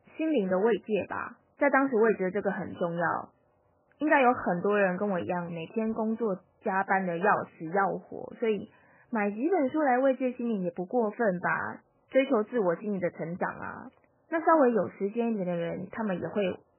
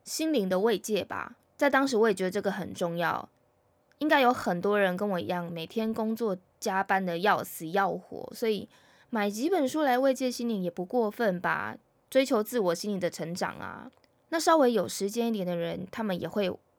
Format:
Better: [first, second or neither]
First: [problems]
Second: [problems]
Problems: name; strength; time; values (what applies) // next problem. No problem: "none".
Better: second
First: garbled, watery; badly; nothing above 3 kHz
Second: none